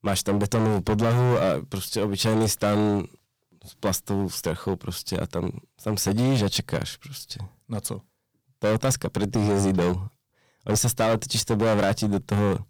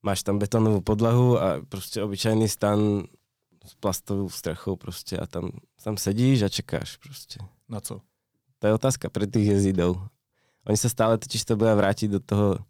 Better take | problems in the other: second | distortion; heavy; 12% of the sound clipped

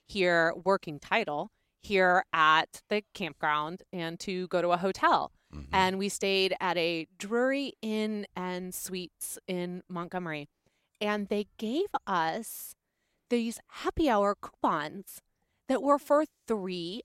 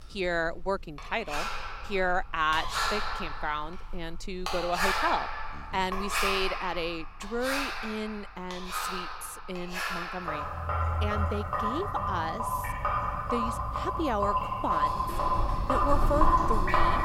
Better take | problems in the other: first | household noises; very loud; throughout; 3 dB above the speech

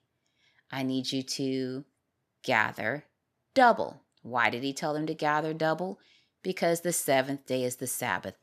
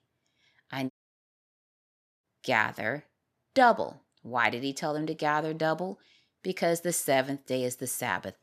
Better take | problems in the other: first | audio cutting out; at 1 s for 1.5 s

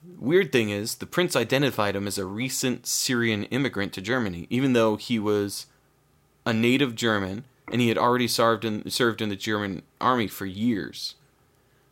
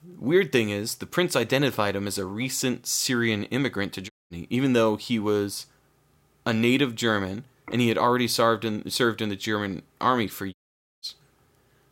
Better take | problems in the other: first | audio cutting out; at 4 s and at 11 s

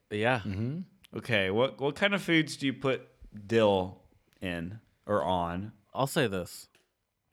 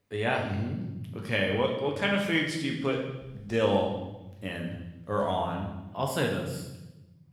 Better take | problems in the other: first | room echo; noticeable; dies away in 1 s // off-mic speech; somewhat distant

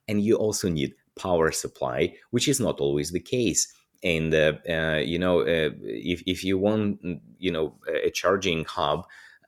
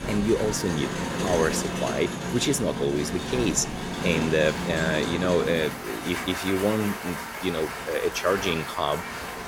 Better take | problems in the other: first | crowd noise; loud; throughout; 4 dB below the speech

